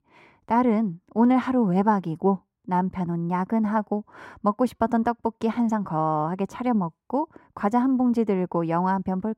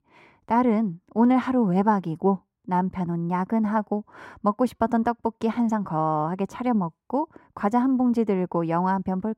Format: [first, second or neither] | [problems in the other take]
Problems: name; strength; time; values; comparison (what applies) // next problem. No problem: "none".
neither | muffled; slightly; fading above 3 kHz; the same in both